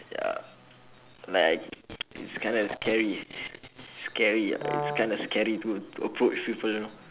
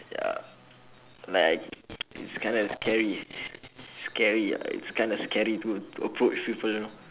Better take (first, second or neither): second